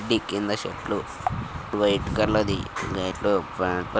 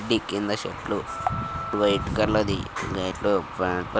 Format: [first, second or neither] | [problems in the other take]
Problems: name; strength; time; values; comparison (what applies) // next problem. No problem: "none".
first | background sound (Wind instrument, woodwind instrument); 11 dB below the speech